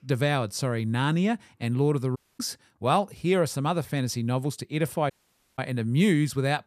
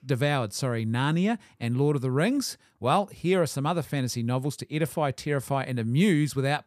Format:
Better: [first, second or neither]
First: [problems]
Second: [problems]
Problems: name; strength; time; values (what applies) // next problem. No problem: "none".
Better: second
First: audio cutting out; at 2 s and at 5 s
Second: none